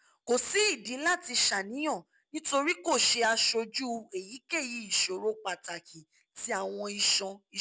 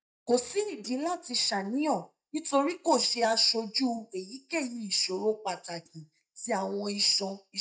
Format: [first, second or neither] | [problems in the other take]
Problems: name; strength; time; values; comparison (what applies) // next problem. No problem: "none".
first | noise reduction (neural mask model DeepFilterNet 3)